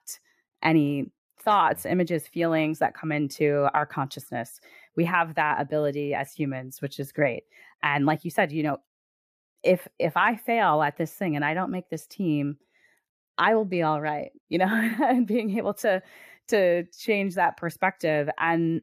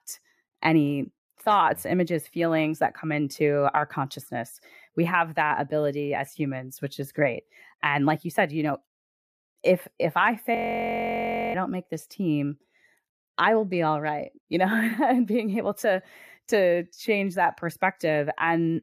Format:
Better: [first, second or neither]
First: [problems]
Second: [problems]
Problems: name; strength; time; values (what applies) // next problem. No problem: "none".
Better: first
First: none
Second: audio freezing; at 11 s for 1 s